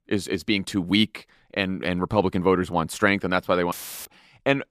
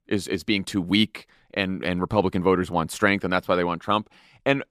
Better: second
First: audio cutting out; filled with static; at 3.5 s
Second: none

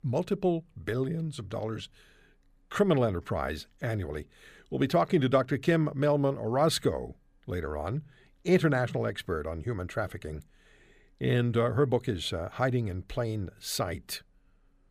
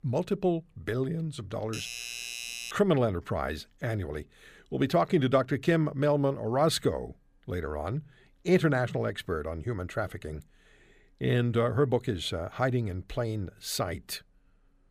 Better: first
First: none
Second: doorbell; noticeable; from 1.5 to 2.5 s; peak 6 dB below the speech

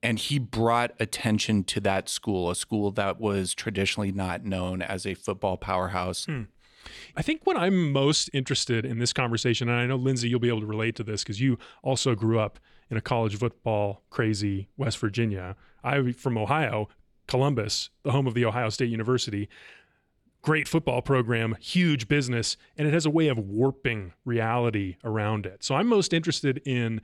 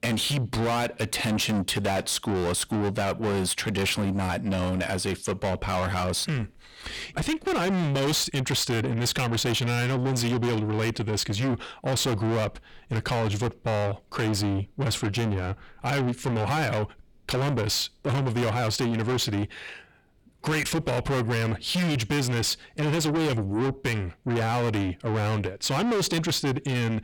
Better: first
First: none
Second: distortion; heavy; 6 dB below the speech

